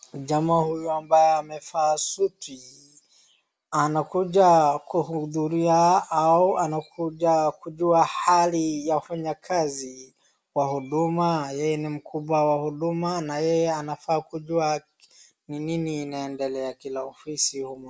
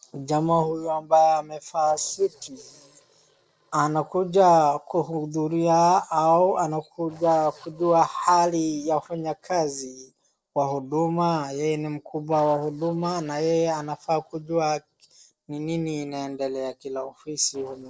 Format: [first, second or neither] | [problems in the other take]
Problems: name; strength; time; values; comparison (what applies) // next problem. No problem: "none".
first | noise reduction (neural separator model SepFormer DNS4)